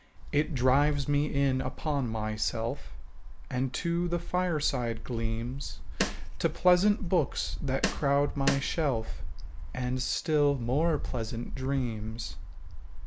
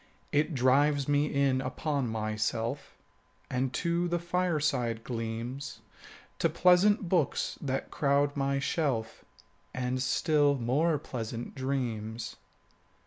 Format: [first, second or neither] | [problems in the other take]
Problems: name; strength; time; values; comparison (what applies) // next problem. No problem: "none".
second | background sound (Snare drum + Wind); 3 dB below the speech